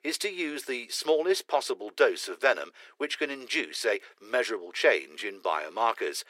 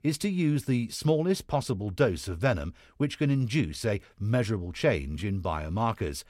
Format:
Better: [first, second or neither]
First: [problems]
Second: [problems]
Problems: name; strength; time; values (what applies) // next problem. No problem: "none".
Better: second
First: thin; very; fading below 350 Hz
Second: none